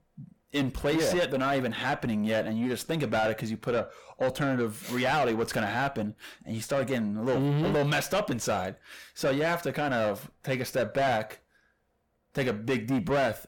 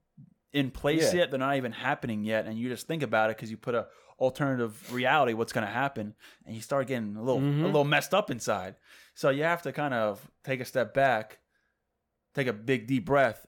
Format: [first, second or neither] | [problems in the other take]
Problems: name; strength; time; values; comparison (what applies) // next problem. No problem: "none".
second | distortion; heavy; 7 dB below the speech